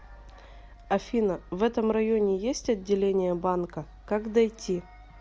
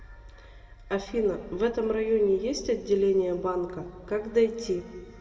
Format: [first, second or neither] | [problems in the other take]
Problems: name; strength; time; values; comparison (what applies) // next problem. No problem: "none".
first | room echo; dies away in 1.8 s